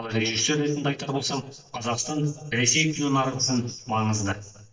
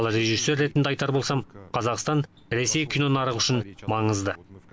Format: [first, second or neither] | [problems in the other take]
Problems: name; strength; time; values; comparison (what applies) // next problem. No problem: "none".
second | noise reduction (neural mask model DeepFilterNet 3)